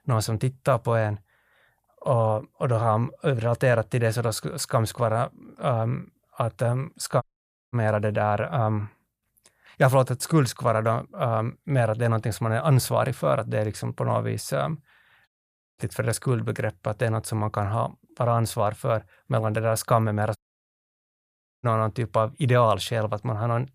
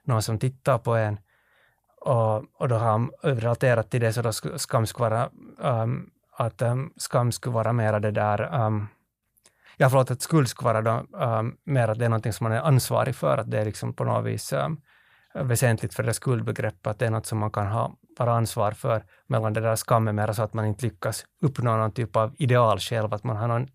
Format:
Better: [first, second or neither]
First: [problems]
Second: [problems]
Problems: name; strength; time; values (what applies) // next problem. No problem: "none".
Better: second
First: audio cutting out; at 7 s for 0.5 s, at 15 s for 0.5 s and at 20 s for 1.5 s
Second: none